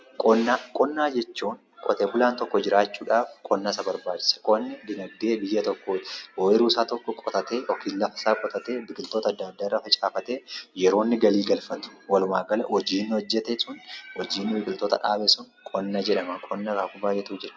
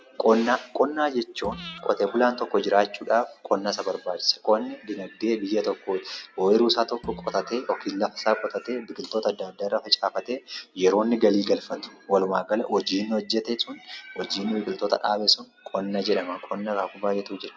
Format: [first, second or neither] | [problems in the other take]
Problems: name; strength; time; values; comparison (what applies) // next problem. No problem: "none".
first | background sound (Bowed string instrument + Breathing); 20 dB below the speech